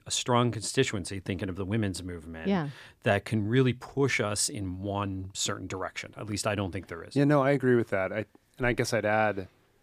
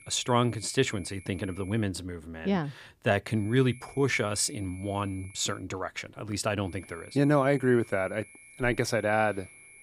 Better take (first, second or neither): first